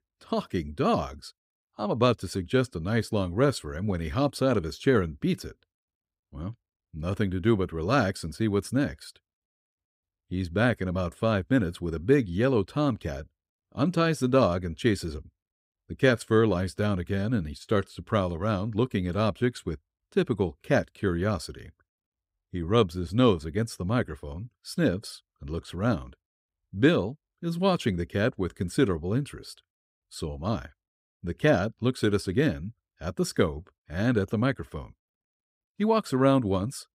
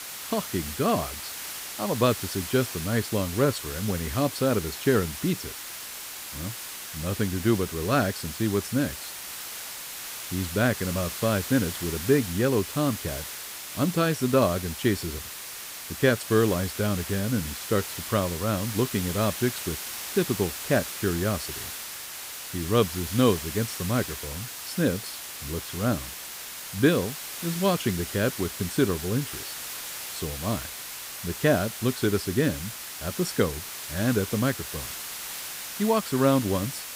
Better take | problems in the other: first | hiss; loud; throughout; 7 dB below the speech

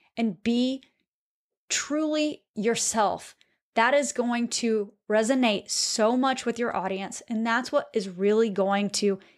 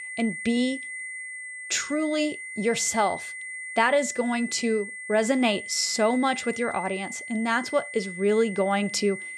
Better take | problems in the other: first | high-pitched whine; loud; throughout; 2 kHz, 9 dB below the speech

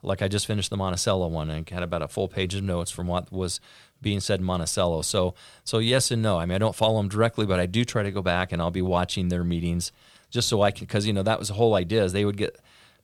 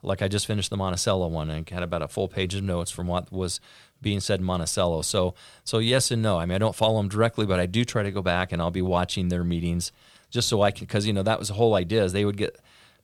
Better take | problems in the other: neither | none

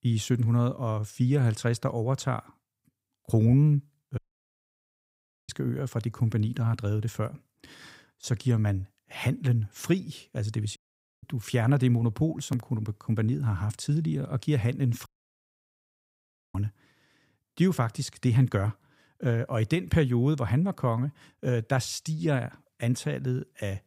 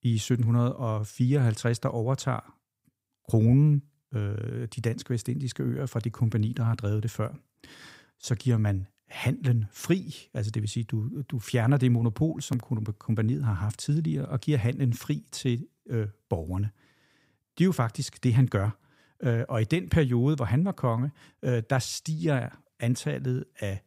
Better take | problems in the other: second | audio cutting out; at 4 s for 1.5 s, at 11 s and at 15 s for 1.5 s

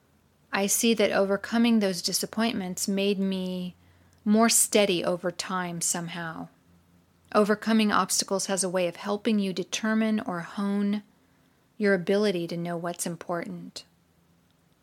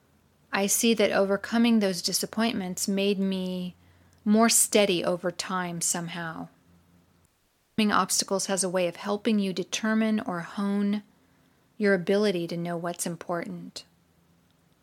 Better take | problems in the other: first | audio cutting out; at 7.5 s for 0.5 s

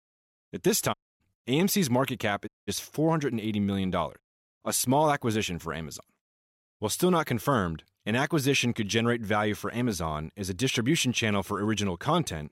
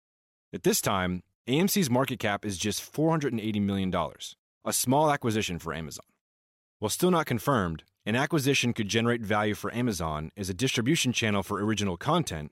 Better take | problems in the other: second | audio cutting out; at 1 s, at 2.5 s and at 4 s

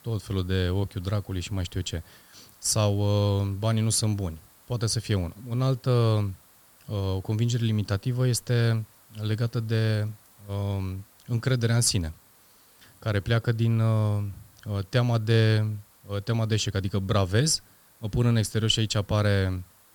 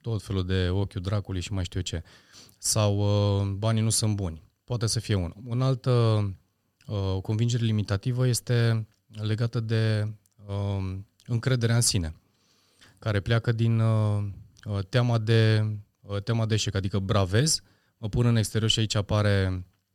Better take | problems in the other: second | hiss; faint; throughout; 30 dB below the speech

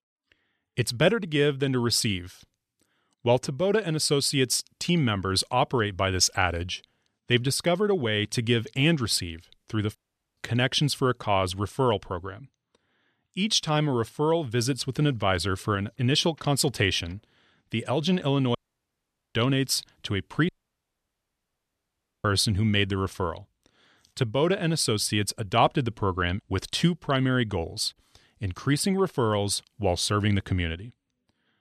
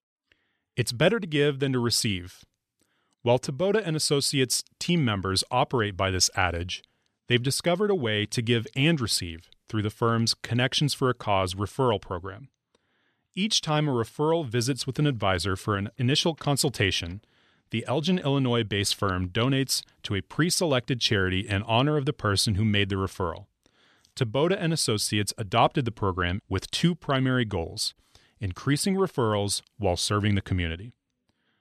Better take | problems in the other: second | audio cutting out; at 10 s, at 19 s for 1 s and at 20 s for 2 s

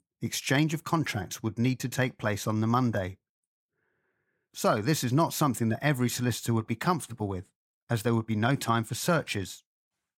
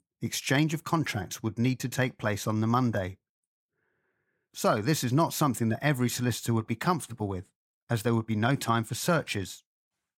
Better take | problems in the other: neither | none

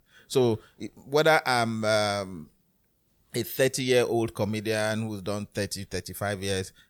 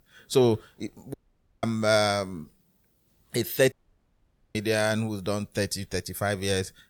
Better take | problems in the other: first | audio cutting out; at 1 s and at 3.5 s for 1 s

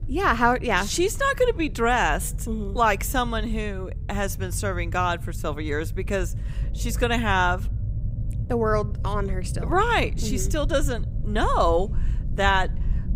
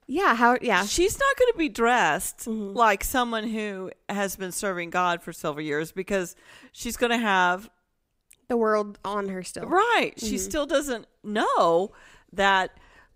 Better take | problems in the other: second | low rumble; faint; throughout; 20 dB below the speech

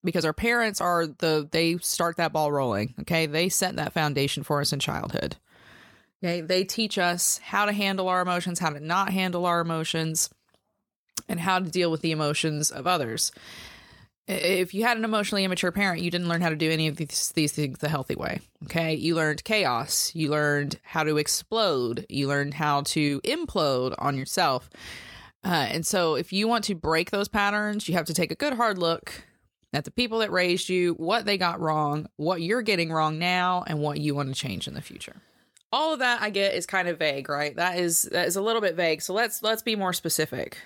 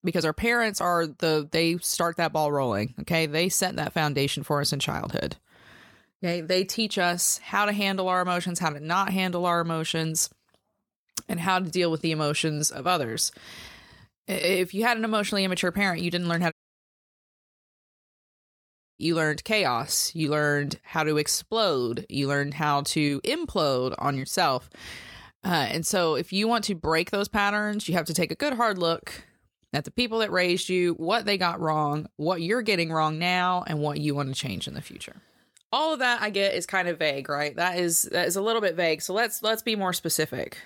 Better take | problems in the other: first | audio cutting out; at 17 s for 2.5 s

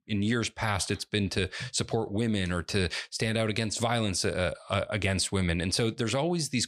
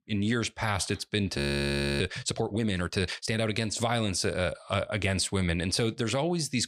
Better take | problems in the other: first | audio freezing; at 1.5 s for 0.5 s

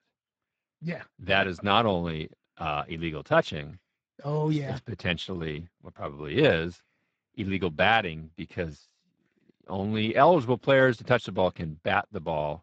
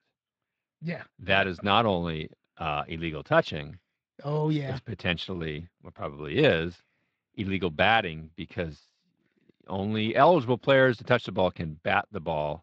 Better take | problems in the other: second | garbled, watery; badly; slightly in the second

